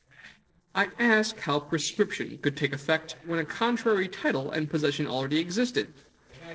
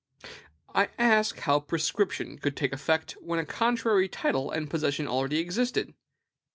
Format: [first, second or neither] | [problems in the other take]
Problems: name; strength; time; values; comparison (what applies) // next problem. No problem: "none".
second | noise reduction (neural separator model SepFormer DNS4)